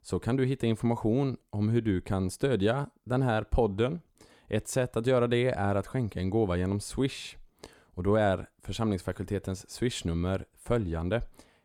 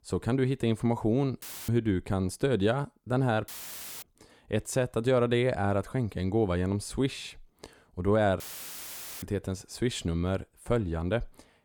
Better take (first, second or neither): first